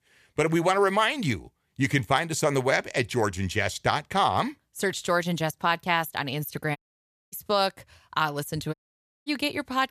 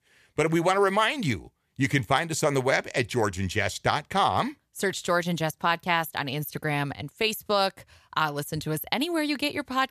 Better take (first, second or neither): second